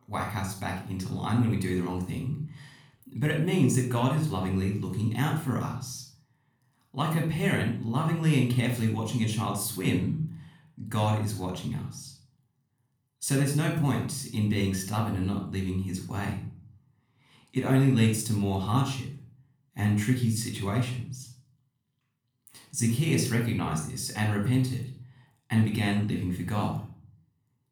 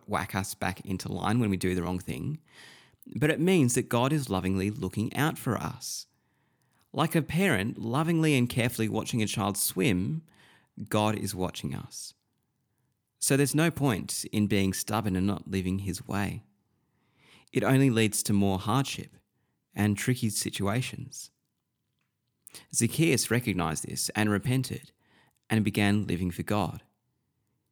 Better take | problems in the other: second | off-mic speech; somewhat distant // room echo; noticeable; dies away in 0.4 s

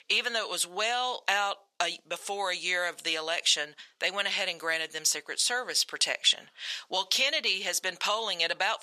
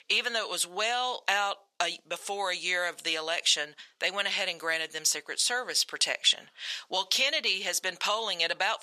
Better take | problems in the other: neither | thin; very; fading below 850 Hz; the same in both

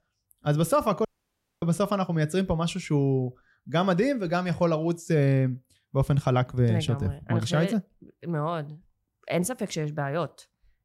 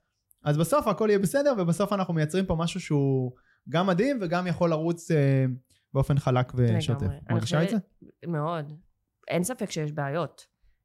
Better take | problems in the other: second | audio cutting out; at 1 s for 0.5 s

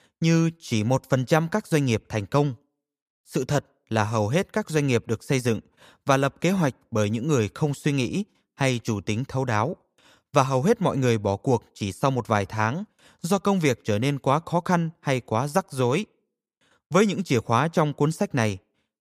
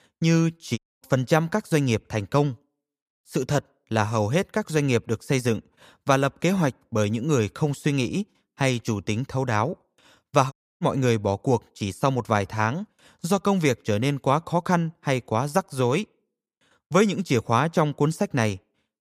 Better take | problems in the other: first | audio cutting out; at 1 s and at 11 s

